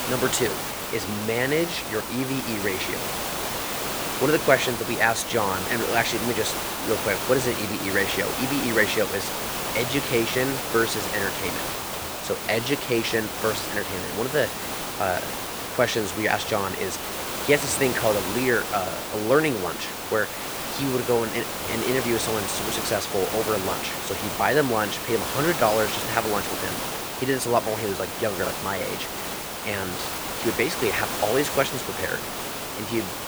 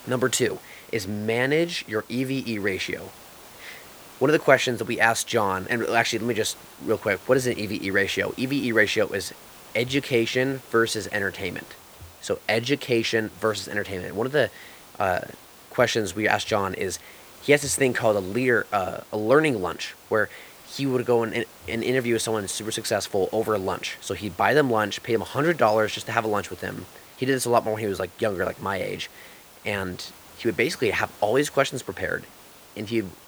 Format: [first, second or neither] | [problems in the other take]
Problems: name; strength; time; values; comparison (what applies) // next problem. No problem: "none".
second | hiss; loud; throughout; 3 dB below the speech; faint in the second